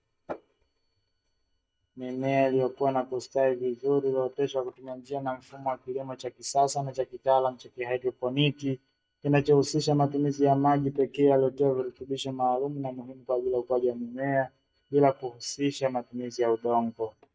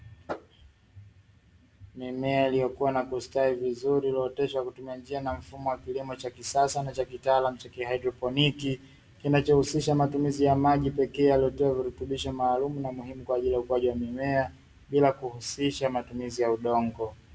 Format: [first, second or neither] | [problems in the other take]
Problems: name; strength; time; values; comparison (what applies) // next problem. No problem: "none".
second | noise reduction (neural mask model DeepFilterNet 3)